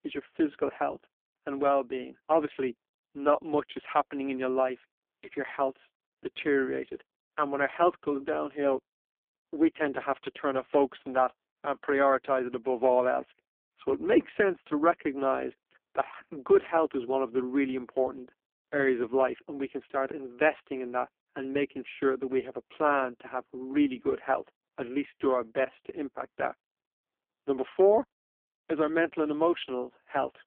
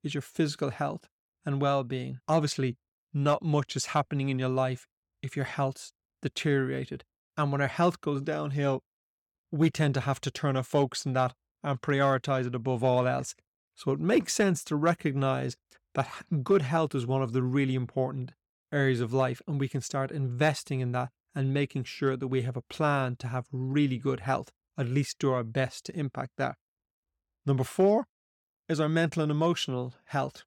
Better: second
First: phone-call audio; poor line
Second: none

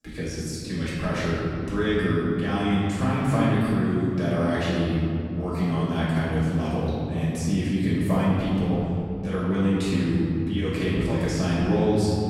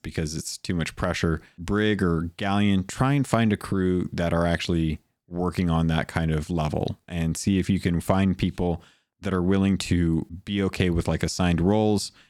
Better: second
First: off-mic speech; far // room echo; strong; dies away in 2.6 s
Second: none

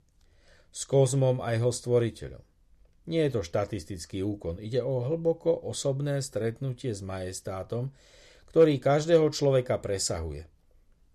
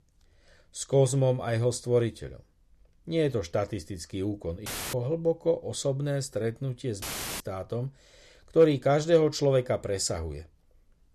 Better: first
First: none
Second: audio cutting out; filled with static; at 4.5 s and at 7 s

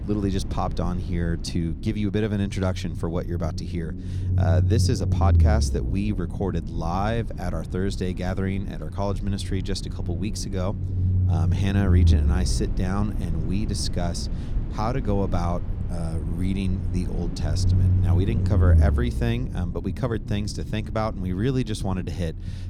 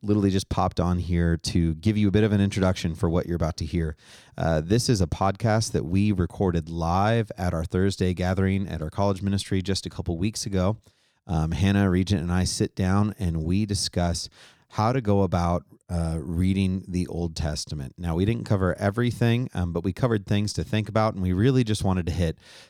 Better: second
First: low rumble; loud; throughout; 9 dB below the speech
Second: none

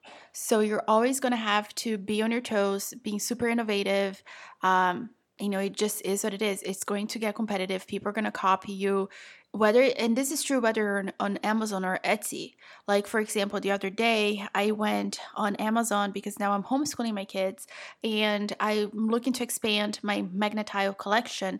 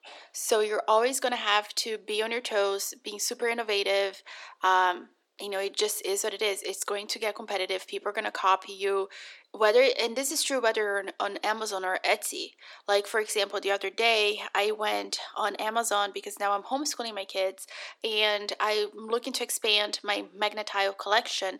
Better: first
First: none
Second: thin; very; fading below 350 Hz

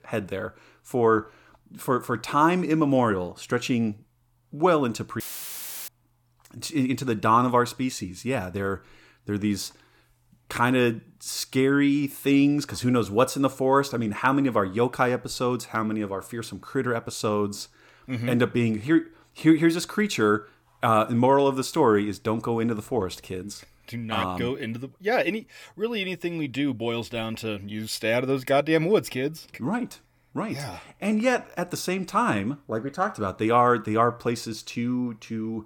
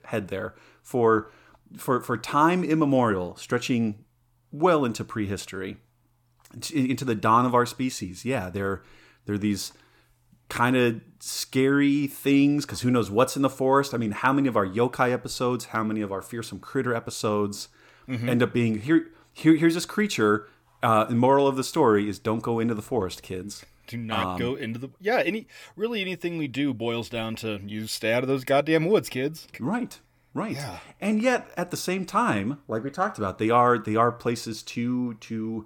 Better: second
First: audio cutting out; filled with static; at 5 s for 0.5 s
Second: none

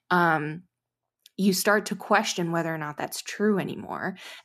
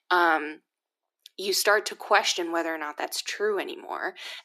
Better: first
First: none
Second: thin; very; fading below 300 Hz

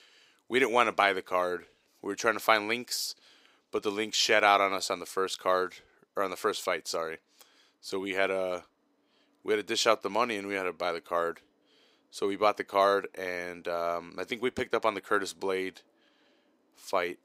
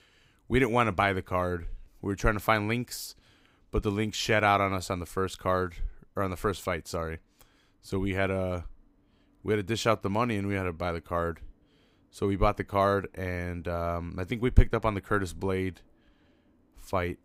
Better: second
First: thin; somewhat; fading below 400 Hz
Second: none

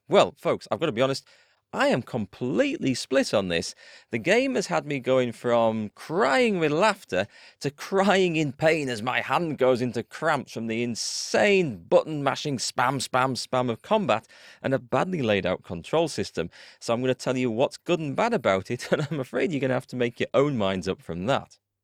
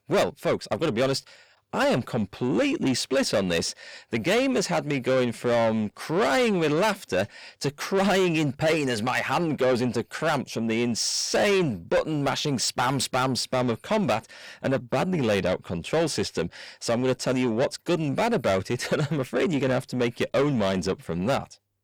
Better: first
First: none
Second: distortion; heavy; 8 dB below the speech

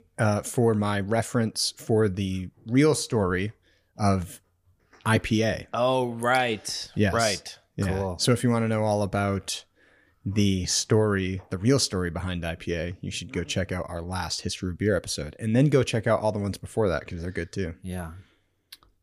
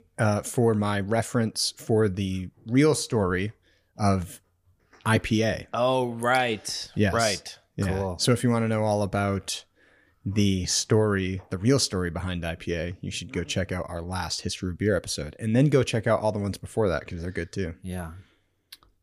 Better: neither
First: none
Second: none

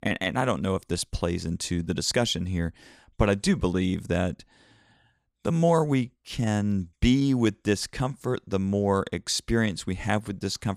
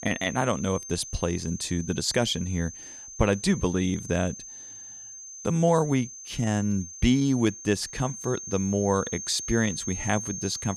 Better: first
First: none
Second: high-pitched whine; noticeable; throughout; 6.5 kHz, 10 dB below the speech

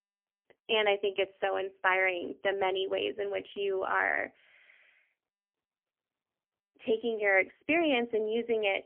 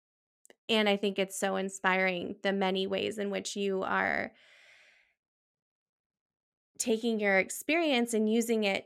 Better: second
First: phone-call audio; poor line; nothing above 3.5 kHz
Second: none

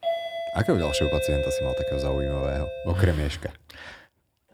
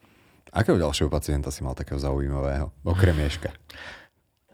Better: second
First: doorbell; loud; until 3 s; peak 1 dB above the speech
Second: none

